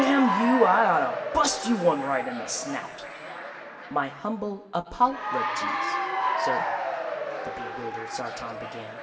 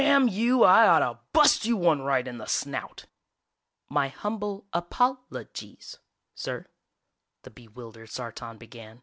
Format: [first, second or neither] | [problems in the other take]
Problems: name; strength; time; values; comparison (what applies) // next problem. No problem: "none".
second | background sound (Applause / Cheering); 3 dB below the speech // room echo; dies away in 1.6 s